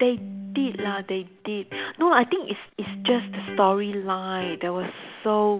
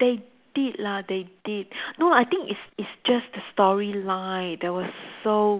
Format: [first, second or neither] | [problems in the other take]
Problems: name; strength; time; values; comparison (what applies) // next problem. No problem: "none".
second | background sound (Electric guitar); 13 dB below the speech